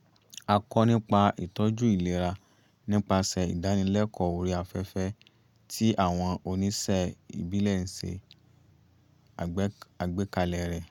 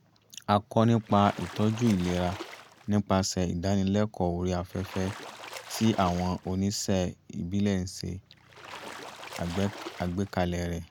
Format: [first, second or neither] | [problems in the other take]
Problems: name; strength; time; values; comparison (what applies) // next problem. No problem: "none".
first | background sound (Splash, splatter); 15 dB below the speech